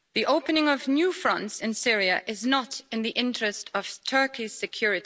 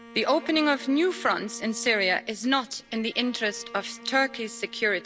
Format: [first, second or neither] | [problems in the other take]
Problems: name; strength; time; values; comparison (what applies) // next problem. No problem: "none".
first | background sound (Bowed string instrument); 19 dB below the speech